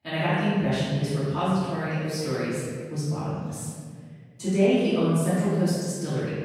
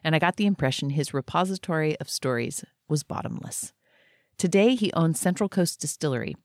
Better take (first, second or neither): second